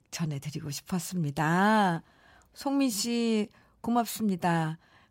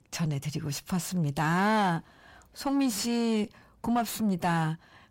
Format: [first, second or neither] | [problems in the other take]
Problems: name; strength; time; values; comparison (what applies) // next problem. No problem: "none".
first | distortion; slight; 9 dB below the speech